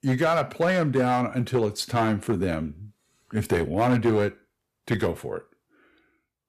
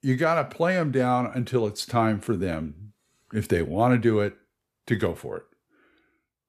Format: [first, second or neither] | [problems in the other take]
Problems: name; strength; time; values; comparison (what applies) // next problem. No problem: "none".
second | distortion; slight; 5% of the sound clipped